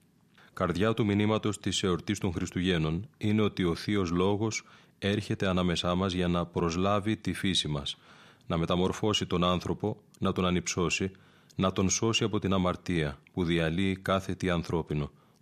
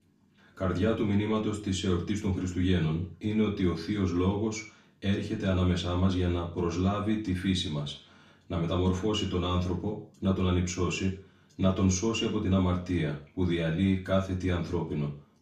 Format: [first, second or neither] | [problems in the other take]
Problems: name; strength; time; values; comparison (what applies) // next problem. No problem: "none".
first | room echo; slight; dies away in 0.4 s // off-mic speech; far